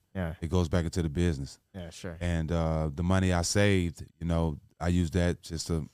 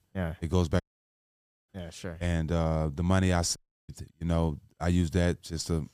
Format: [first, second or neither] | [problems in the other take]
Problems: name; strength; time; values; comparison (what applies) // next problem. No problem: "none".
first | audio cutting out; at 1 s for 1 s and at 3.5 s